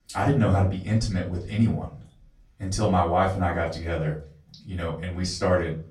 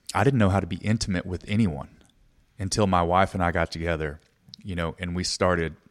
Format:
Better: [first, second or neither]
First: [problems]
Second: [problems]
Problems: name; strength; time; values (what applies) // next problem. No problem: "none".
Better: second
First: room echo; slight; dies away in 0.4 s // off-mic speech; far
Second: none